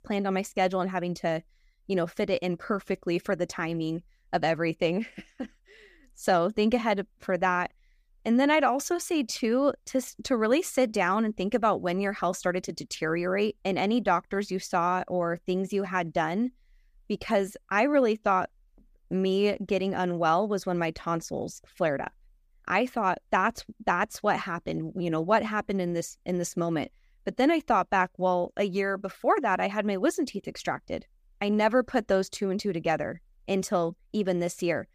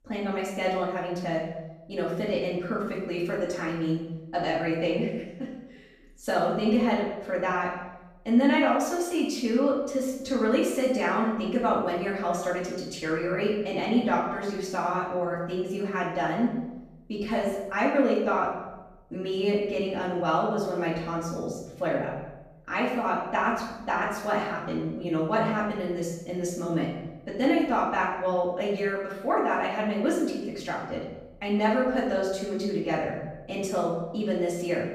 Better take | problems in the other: first | room echo; noticeable; dies away in 0.9 s // off-mic speech; far

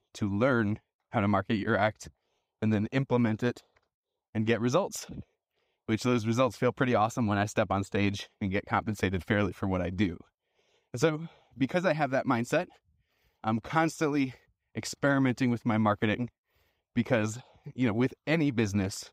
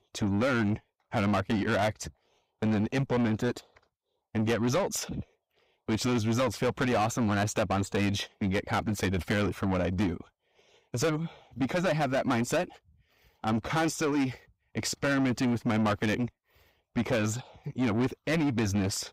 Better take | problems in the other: first | distortion; heavy; 7 dB below the speech

